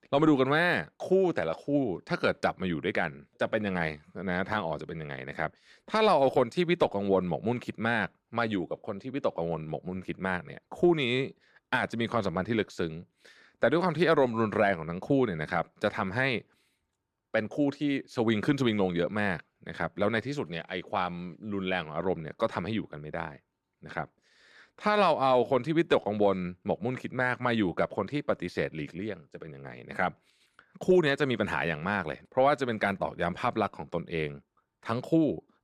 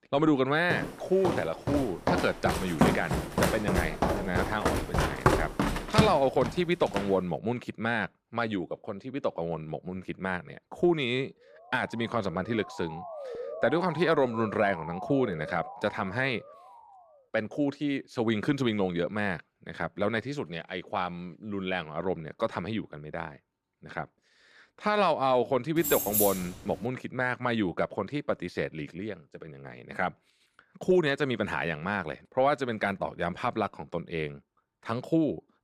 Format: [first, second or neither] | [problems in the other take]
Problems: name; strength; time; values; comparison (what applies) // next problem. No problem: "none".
first | footsteps; loud; from 0.5 to 7 s; peak 5 dB above the speech // siren; noticeable; from 12 to 17 s; peak 8 dB below the speech // jangling keys; loud; at 26 s; peak 4 dB above the speech